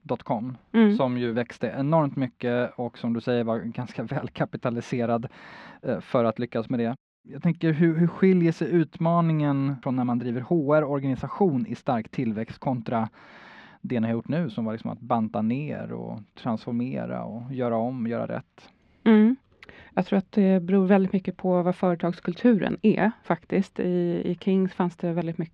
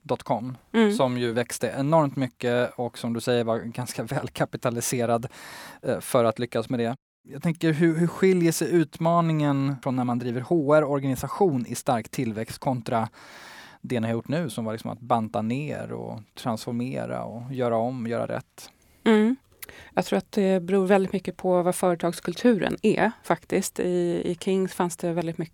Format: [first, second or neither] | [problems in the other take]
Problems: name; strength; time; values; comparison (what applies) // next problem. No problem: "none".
second | muffled; slightly; fading above 3.5 kHz